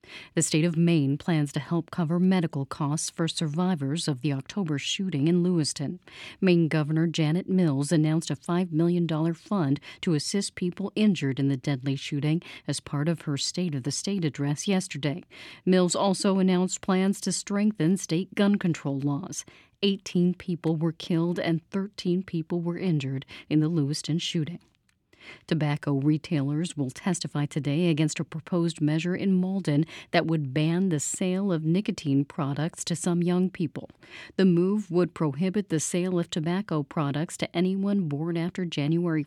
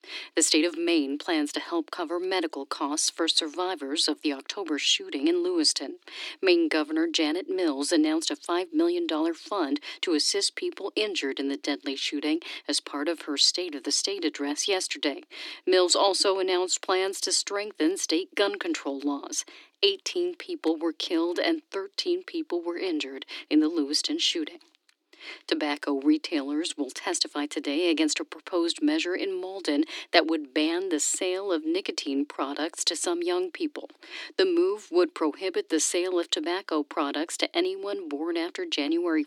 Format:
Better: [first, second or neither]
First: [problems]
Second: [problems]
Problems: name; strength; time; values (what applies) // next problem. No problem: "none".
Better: first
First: none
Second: thin; somewhat; fading below 300 Hz